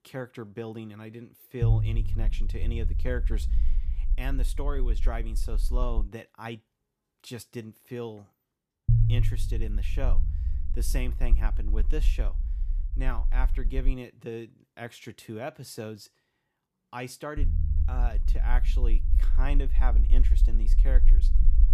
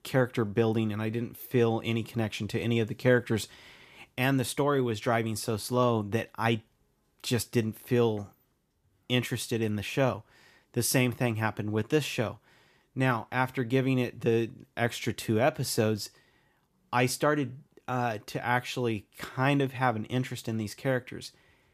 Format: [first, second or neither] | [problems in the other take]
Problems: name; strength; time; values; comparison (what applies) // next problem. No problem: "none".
second | low rumble; loud; from 1.5 to 6 s, from 9 to 14 s and from 17 s on; 8 dB below the speech